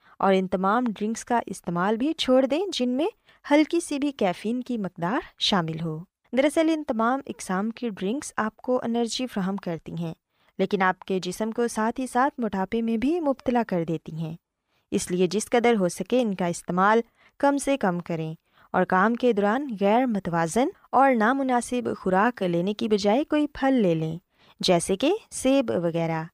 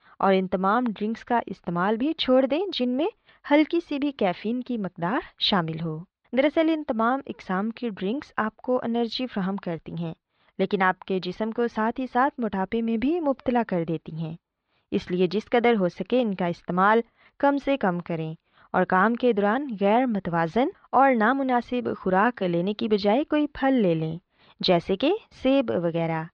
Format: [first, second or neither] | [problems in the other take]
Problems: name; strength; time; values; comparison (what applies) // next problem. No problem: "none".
first | muffled; very slightly; fading above 4.5 kHz